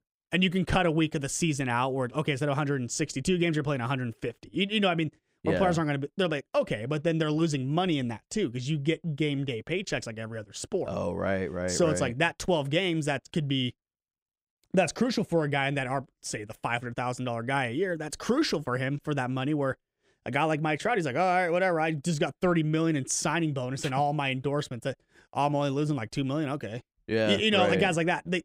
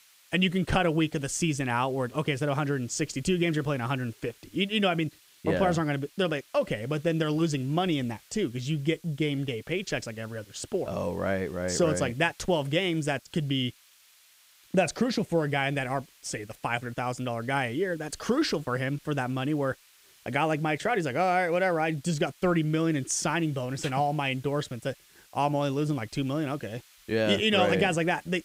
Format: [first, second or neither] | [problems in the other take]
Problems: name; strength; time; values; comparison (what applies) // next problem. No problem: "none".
first | hiss; faint; throughout; 25 dB below the speech